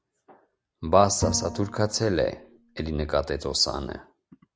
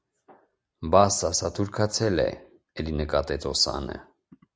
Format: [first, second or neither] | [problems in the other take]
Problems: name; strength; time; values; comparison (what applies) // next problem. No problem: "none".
second | background sound (Bowed string instrument); 10 dB below the speech